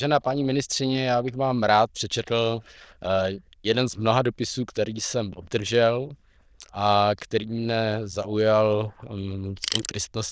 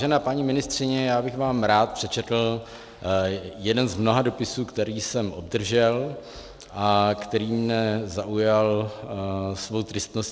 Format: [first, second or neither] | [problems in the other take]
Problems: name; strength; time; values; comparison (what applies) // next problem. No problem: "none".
second | noise reduction (neural diffusion model UNIVERSE++)